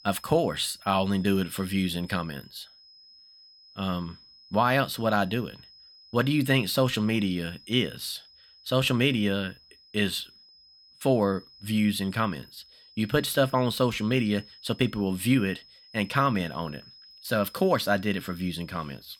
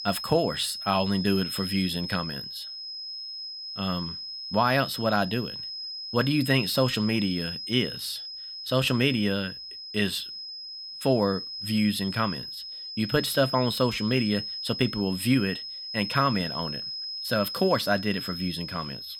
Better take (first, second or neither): first